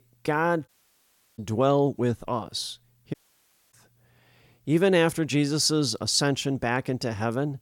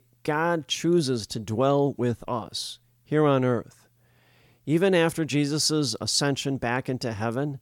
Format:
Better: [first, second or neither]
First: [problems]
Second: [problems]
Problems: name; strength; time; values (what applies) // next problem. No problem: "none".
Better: second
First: audio cutting out; at 0.5 s for 0.5 s and at 3 s for 0.5 s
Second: none